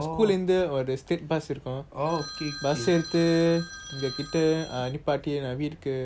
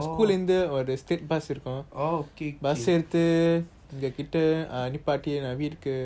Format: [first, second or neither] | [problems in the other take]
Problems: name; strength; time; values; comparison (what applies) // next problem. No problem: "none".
second | background sound (Telephone); 13 dB below the speech